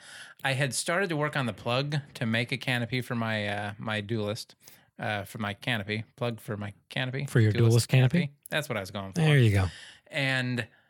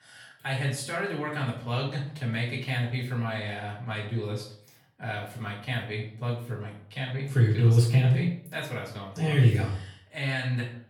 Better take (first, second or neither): first